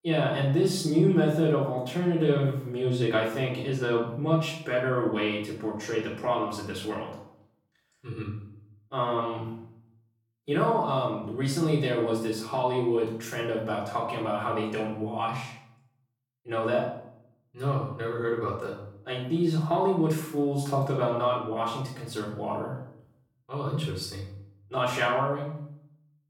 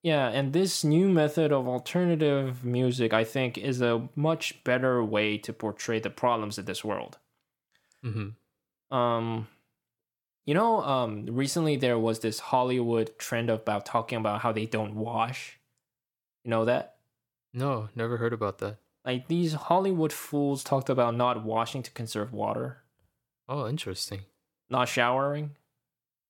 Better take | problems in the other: second | off-mic speech; far // room echo; noticeable; dies away in 0.6 s

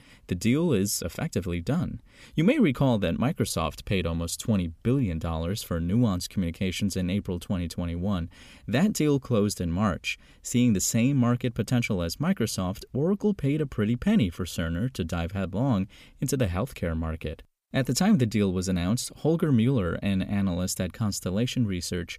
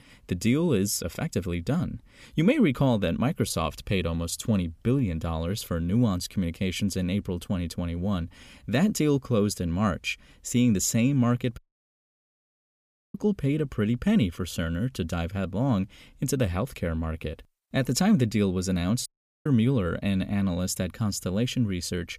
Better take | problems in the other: first | audio cutting out; at 12 s for 1.5 s and at 19 s

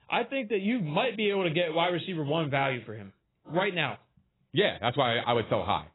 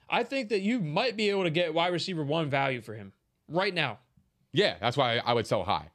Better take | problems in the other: second | garbled, watery; badly; nothing above 4 kHz

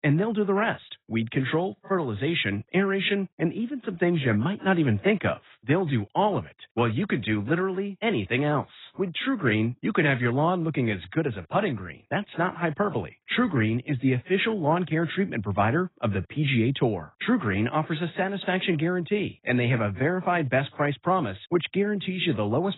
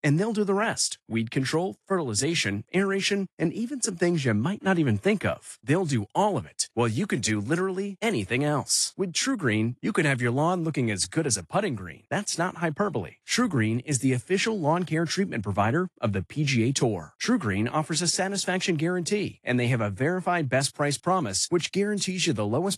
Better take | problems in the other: second | garbled, watery; badly; nothing above 4 kHz; slightly in the second

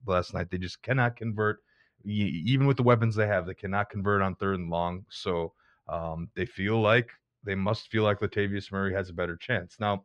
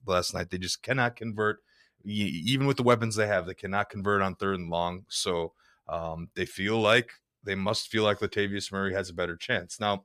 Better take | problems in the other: second | muffled; slightly; fading above 2.5 kHz

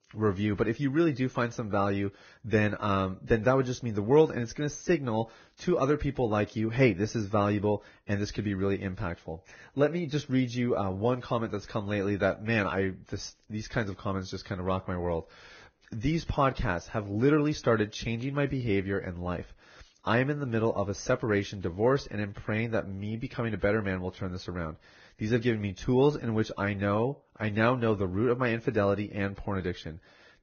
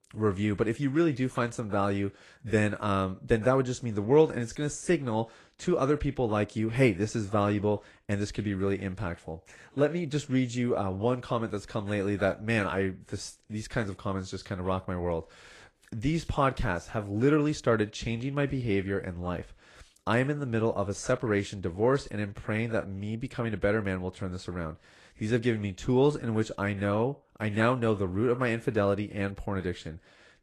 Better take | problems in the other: second | garbled, watery; badly; nothing above 6.5 kHz; slightly in the second

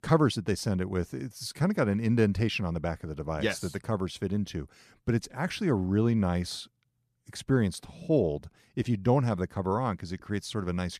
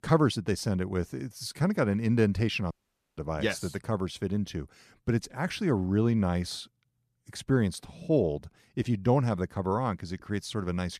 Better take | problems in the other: first | audio cutting out; at 2.5 s

